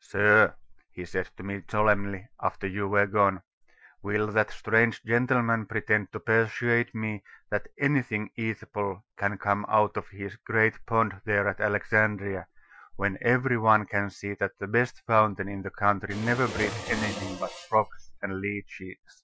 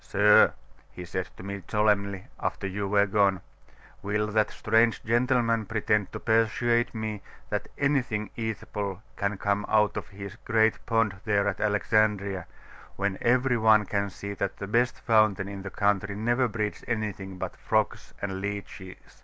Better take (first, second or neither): second